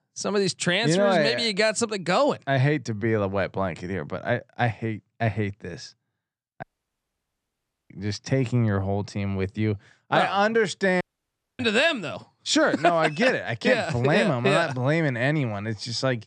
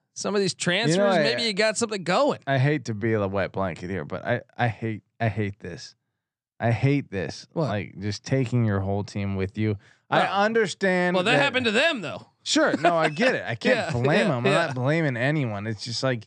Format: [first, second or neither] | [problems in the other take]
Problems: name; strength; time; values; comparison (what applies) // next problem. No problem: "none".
second | audio cutting out; at 6.5 s for 1.5 s and at 11 s for 0.5 s